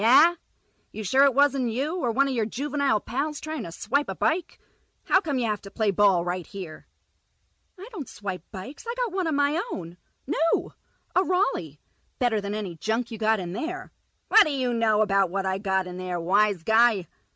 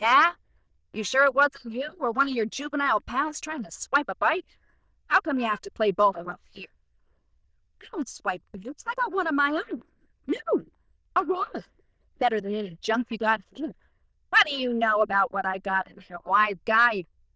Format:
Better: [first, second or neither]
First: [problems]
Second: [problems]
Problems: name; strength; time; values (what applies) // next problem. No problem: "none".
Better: first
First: none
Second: noise reduction (neural diffusion model UNIVERSE++)